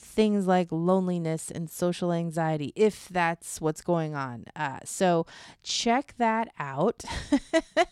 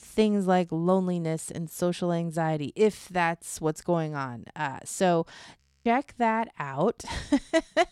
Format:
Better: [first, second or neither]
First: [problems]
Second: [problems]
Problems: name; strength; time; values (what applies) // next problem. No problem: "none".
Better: first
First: none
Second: audio freezing; at 5.5 s